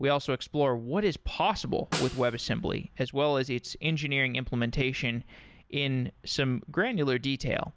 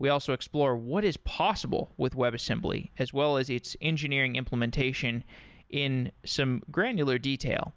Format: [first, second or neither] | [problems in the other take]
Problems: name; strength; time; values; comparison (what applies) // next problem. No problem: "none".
second | background sound (Snare drum); 10 dB below the speech